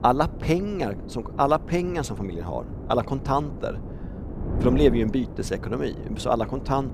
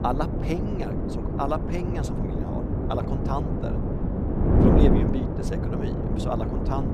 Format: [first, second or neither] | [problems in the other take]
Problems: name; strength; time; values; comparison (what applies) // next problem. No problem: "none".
first | wind noise on the microphone; heavy; 1 dB above the speech; occasional gusts in the first